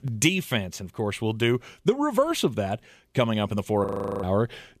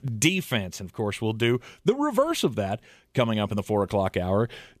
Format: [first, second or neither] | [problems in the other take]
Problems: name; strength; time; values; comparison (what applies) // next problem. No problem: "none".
second | audio freezing; at 4 s